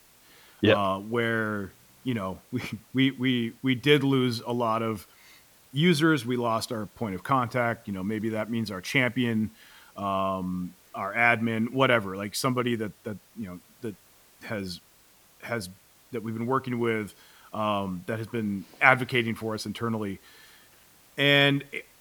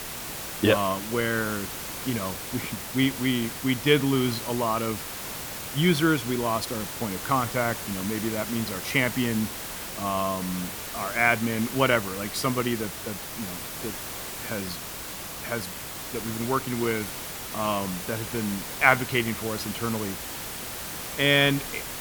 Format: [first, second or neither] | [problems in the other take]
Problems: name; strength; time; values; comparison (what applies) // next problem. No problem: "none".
first | hiss; loud; throughout; 7 dB below the speech; faint in the first